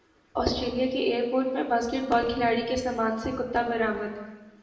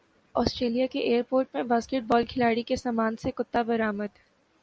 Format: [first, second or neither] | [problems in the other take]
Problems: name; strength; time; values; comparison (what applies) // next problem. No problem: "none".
second | room echo; dies away in 1.2 s